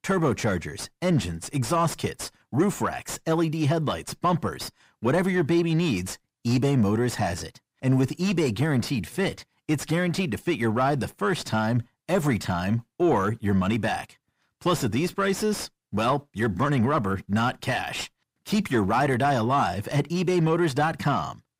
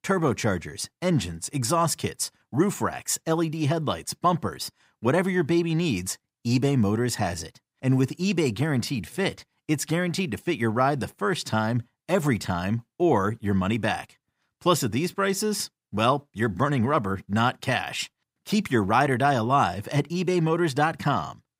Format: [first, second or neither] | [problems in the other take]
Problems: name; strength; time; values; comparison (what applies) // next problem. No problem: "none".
second | distortion; slight; 10 dB below the speech